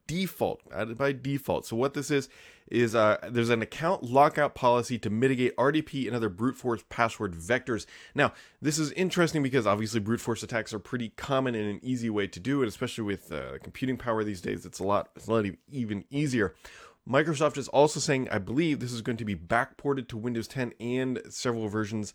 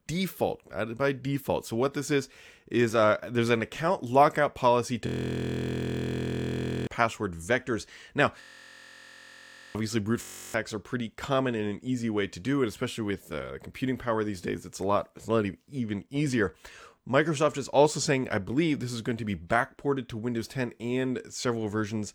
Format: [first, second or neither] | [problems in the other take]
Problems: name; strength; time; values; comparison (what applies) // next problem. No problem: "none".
first | audio freezing; at 5 s for 2 s, at 8.5 s for 1.5 s and at 10 s